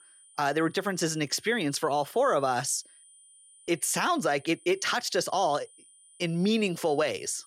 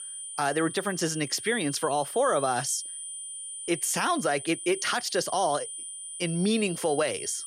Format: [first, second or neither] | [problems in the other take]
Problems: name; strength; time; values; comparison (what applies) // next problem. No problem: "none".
first | high-pitched whine; loud; throughout; 9.5 kHz, 9 dB below the speech; faint in the first